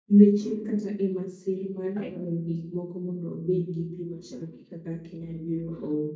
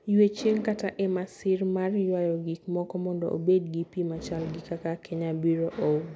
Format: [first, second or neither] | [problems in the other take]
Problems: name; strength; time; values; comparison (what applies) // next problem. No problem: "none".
second | noise reduction (neural mask model DeepFilterNet 3)